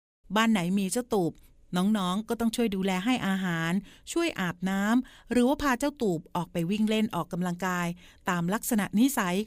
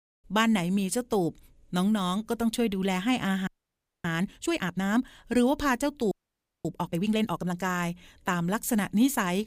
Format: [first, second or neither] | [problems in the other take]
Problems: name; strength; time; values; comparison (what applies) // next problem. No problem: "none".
first | audio freezing; at 3.5 s for 0.5 s and at 6 s for 0.5 s